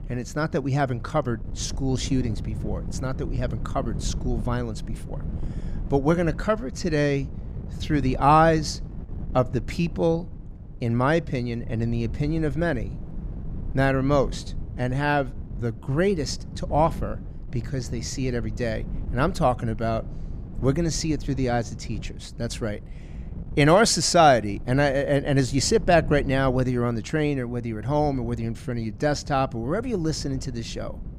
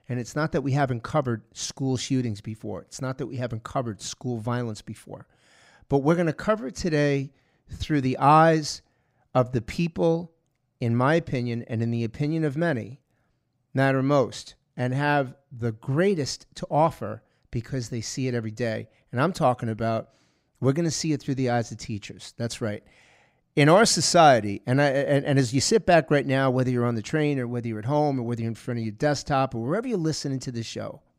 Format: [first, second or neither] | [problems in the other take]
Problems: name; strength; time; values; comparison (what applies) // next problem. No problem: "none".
second | wind noise on the microphone; occasional gusts; 20 dB below the speech